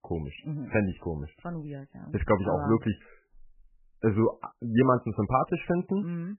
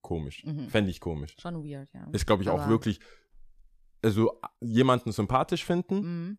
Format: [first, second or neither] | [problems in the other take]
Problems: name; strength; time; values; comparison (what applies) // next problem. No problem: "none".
second | garbled, watery; badly; nothing above 3 kHz